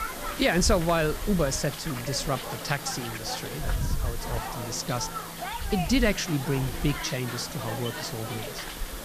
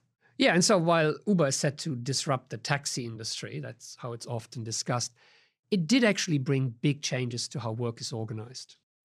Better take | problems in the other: second | hiss; loud; throughout; 5 dB below the speech

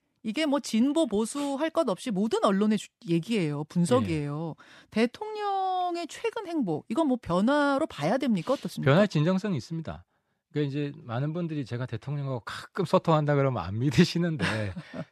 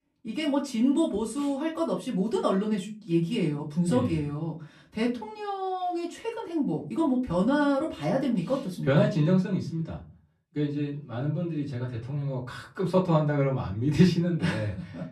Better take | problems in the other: first | room echo; very slight; dies away in 0.3 s // off-mic speech; far

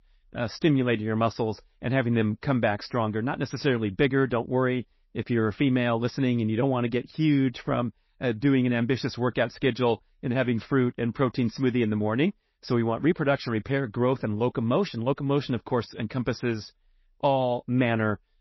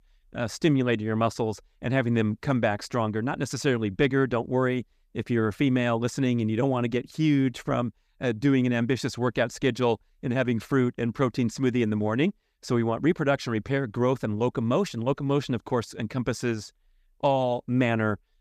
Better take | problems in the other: second | garbled, watery; slightly; nothing above 5.5 kHz

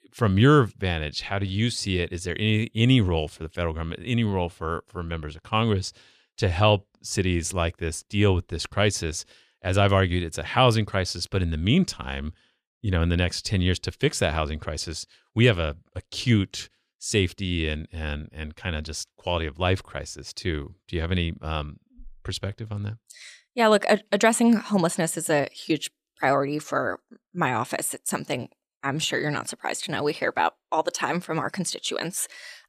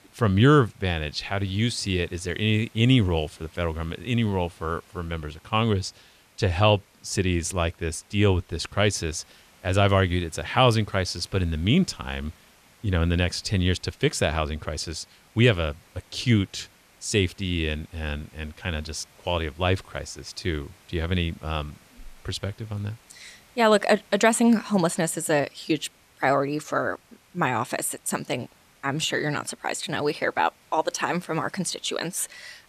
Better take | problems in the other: first | hiss; faint; throughout; 30 dB below the speech

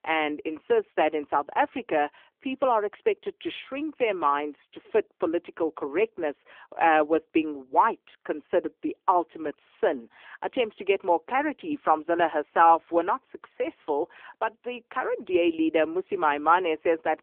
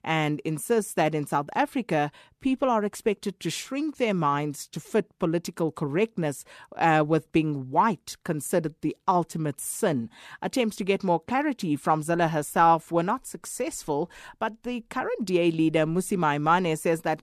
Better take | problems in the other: second | phone-call audio

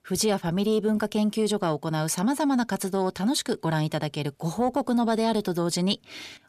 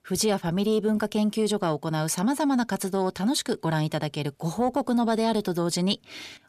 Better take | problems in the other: neither | none

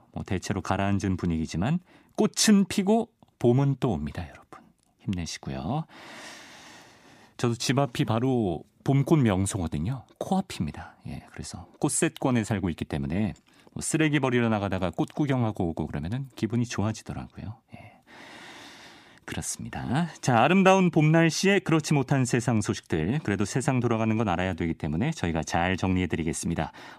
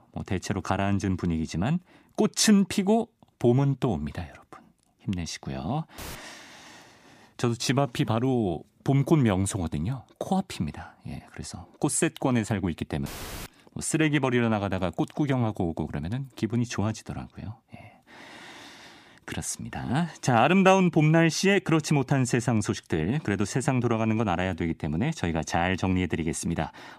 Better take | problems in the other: first | audio cutting out; filled with static; at 6 s and at 13 s

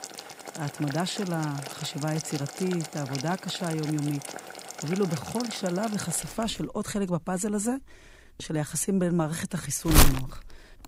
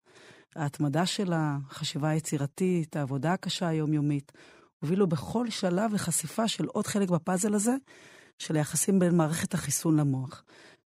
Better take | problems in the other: second | household noises; loud; throughout; 3 dB below the speech

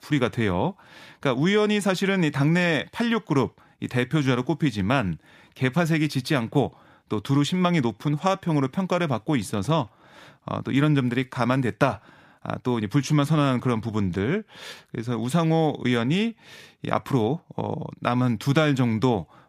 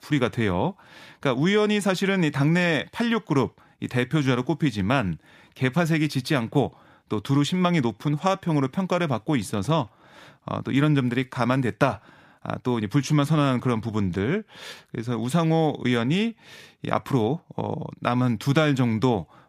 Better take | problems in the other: neither | none

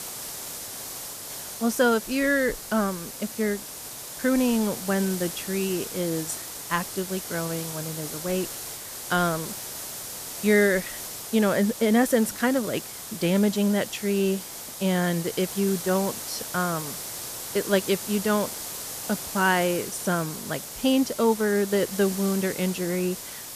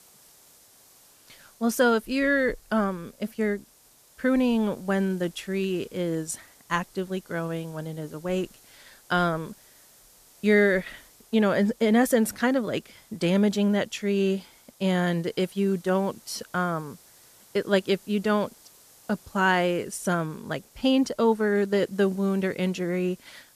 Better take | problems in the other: second | hiss; loud; throughout; 8 dB below the speech; faint in the second

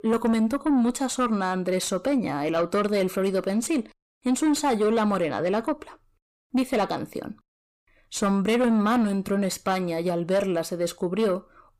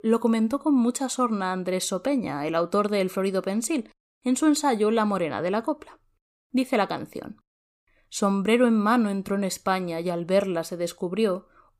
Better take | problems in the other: second | distortion; slight; 10 dB below the speech

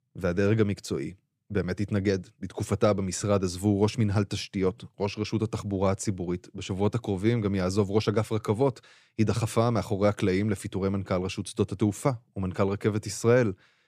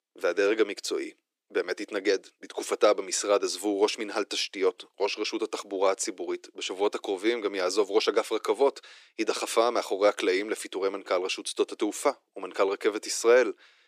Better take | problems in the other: first | thin; very; fading below 350 Hz

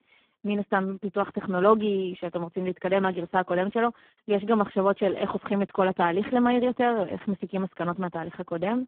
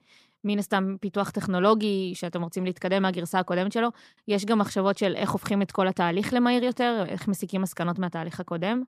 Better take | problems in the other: second | phone-call audio; poor line

